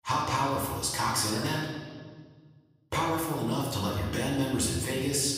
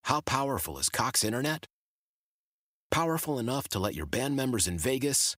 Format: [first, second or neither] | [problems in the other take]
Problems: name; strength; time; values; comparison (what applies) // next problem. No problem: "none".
second | off-mic speech; far // room echo; noticeable; dies away in 1.5 s